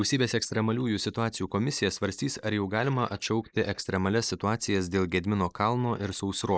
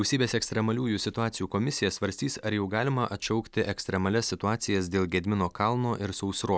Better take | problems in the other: second | noise reduction (neural mask model Resemble Enhance denoiser)

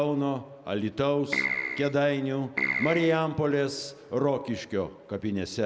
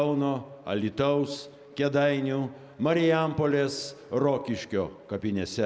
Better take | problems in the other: second | background sound (Keyboard (musical)); 2 dB below the speech

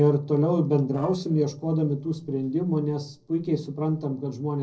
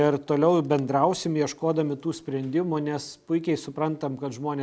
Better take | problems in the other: second | noise reduction (neural separator model SepFormer DNS4)

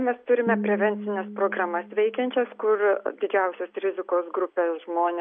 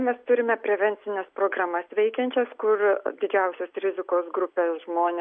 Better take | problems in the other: second | background sound (Piano); 11 dB below the speech

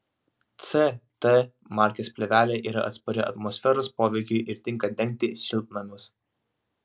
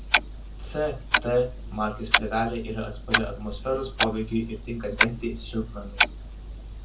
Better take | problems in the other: first | background sound (Clock); 1 dB above the speech // room echo; dies away in 0.2 s

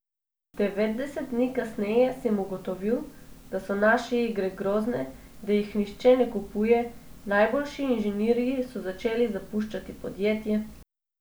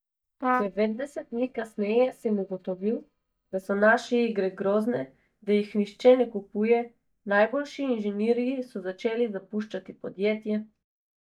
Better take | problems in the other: first | noise reduction (neural mask model DeepFilterNet 3)

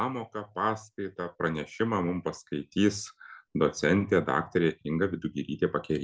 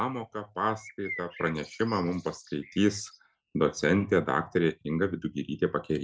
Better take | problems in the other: first | noise reduction (neural mask model RNNoise)

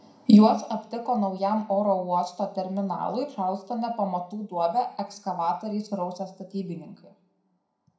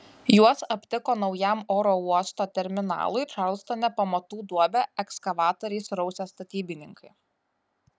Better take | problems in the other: second | room echo; dies away in 0.4 s

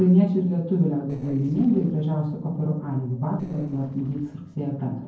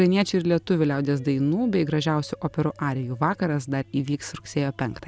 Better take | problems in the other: second | noise reduction (neural separator model SepFormer DNS4)

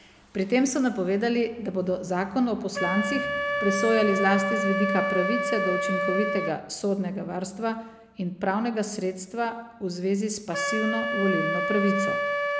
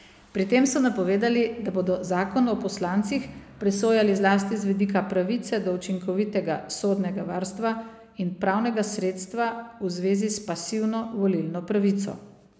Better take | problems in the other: second | background sound (Wind instrument, woodwind instrument); 3 dB below the speech

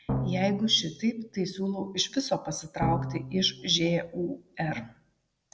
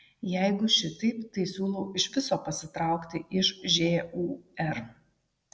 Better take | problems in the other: second | background sound (Drum); 5 dB below the speech

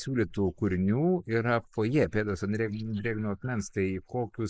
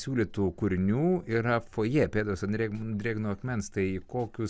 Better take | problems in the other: second | noise reduction (neural mask model Resemble Enhance denoiser)

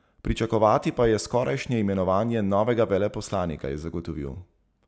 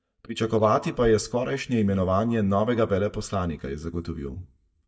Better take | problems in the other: first | noise reduction (neural mask model DeepFilterNet 3)

